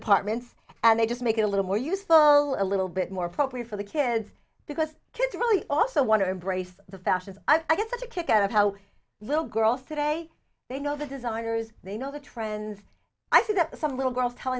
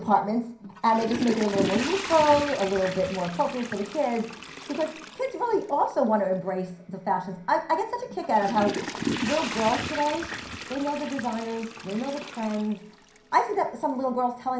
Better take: first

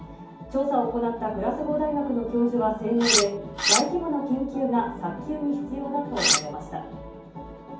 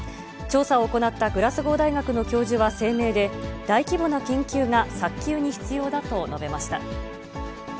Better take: second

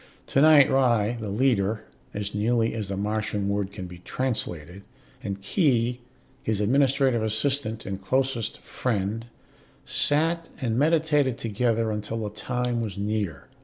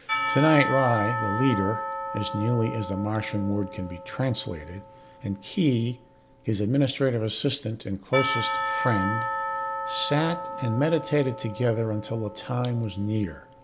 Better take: first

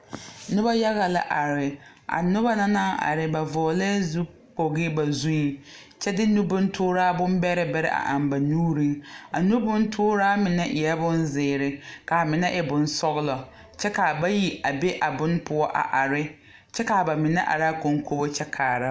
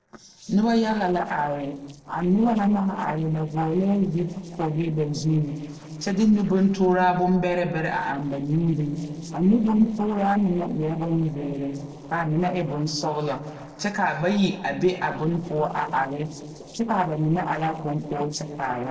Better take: first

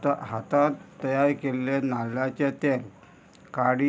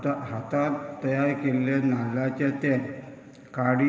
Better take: first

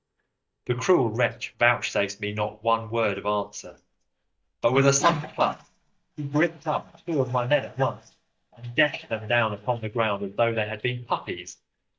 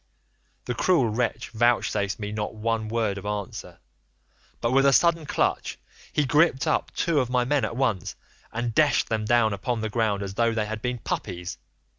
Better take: second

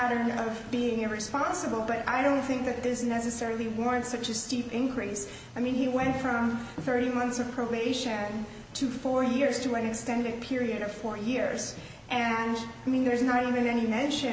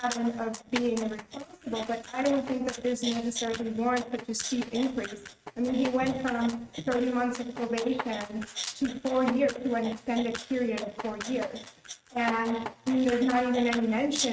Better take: first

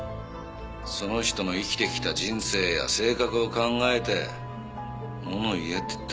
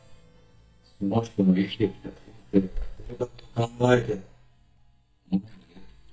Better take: first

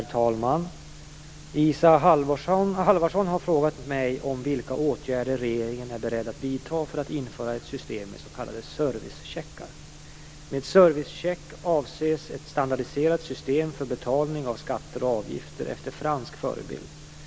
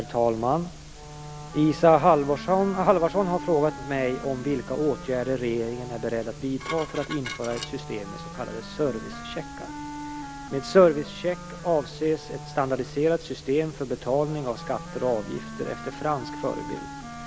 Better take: first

